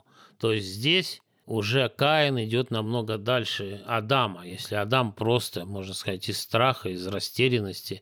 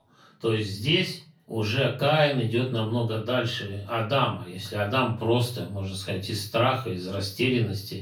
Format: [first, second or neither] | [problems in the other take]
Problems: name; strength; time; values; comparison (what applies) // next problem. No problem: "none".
first | off-mic speech; far // room echo; slight; dies away in 0.3 s